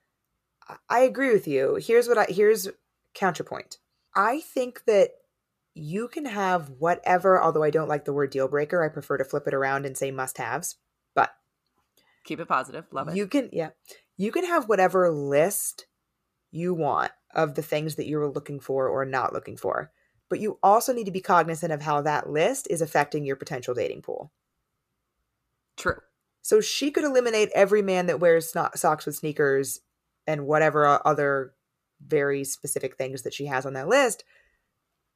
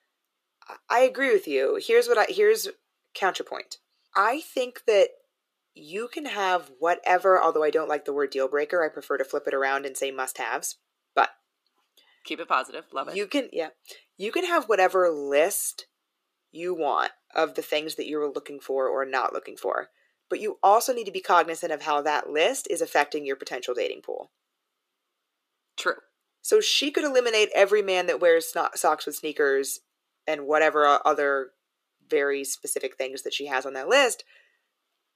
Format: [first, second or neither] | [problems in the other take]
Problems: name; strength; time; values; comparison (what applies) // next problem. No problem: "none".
first | thin; very slightly; fading below 300 Hz